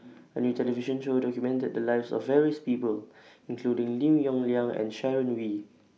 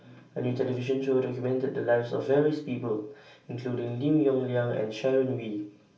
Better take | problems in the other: first | room echo; dies away in 0.3 s

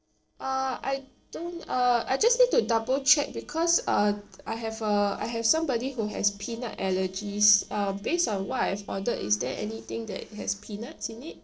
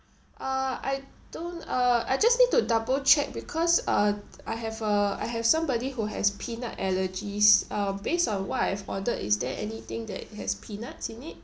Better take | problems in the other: second | noise reduction (neural separator model SepFormer DNS4)

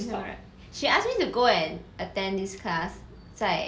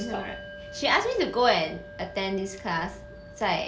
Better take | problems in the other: first | background sound (Bell); 16 dB below the speech

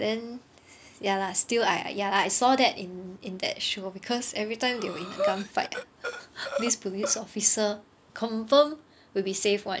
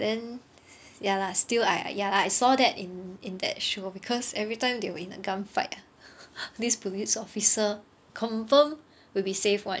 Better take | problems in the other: second | background sound (Breathing); 6 dB below the speech

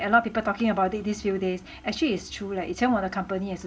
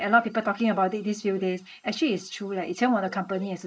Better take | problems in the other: first | noise reduction (neural mask model Resemble Enhance denoiser)

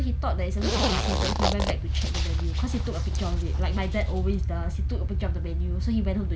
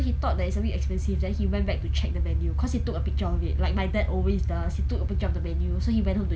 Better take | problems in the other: second | background sound (Zipper (clothing)); 7 dB below the speech

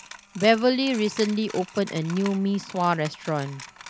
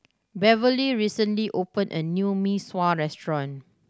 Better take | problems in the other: second | background sound (Coin (dropping)); 18 dB below the speech

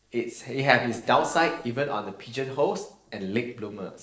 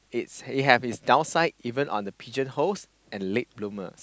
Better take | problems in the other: second | noise reduction (neural separator model SepFormer DNS4)

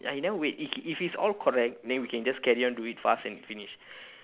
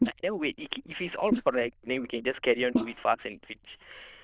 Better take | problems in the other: first | noise reduction (neural diffusion model UNIVERSE++)

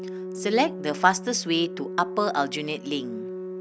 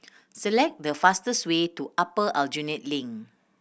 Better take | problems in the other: second | background sound (Organ); 9 dB below the speech

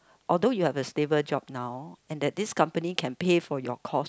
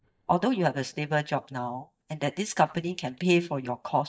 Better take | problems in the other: first | noise reduction (neural mask model DeepFilterNet 3)

